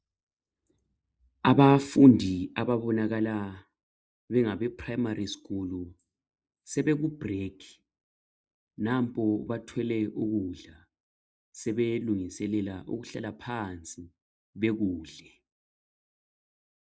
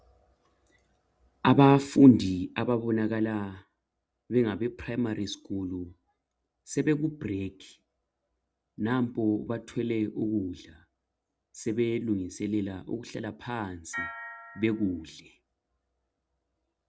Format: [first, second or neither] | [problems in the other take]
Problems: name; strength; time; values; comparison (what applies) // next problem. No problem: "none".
second | noise reduction (neural mask model Resemble Enhance denoiser)